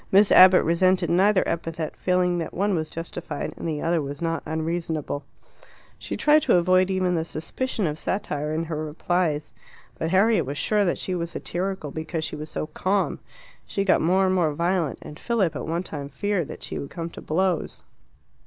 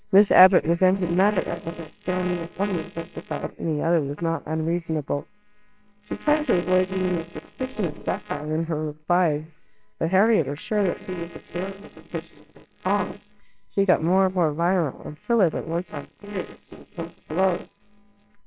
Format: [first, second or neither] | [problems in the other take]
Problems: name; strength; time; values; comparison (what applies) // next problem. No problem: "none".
first | noise reduction (neural separator model SepFormer WHAMR!)